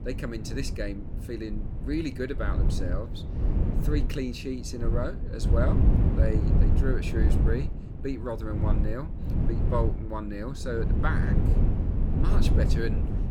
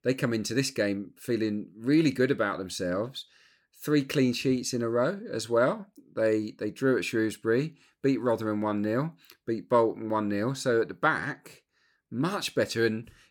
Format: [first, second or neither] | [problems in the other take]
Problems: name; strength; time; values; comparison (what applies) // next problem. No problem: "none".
second | wind noise on the microphone; heavy; 4 dB below the speech